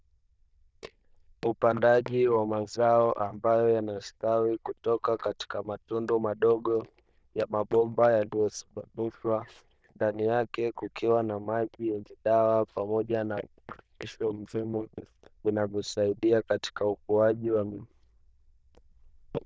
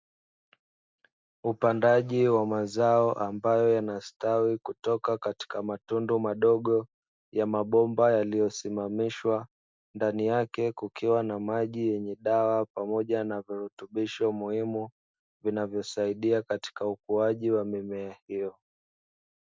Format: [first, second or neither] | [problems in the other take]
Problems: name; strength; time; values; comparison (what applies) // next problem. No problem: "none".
second | noise reduction (neural diffusion model UNIVERSE++)